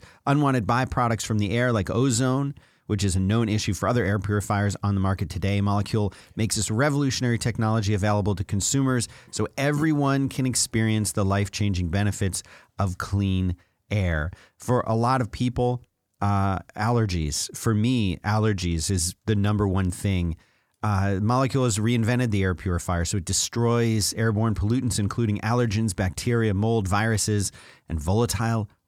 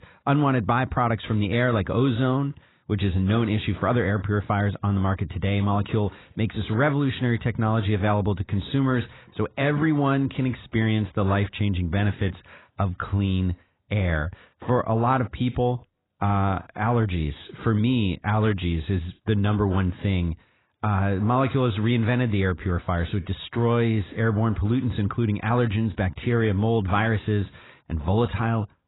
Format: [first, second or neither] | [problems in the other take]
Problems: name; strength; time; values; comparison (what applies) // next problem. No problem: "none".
first | garbled, watery; badly; nothing above 4 kHz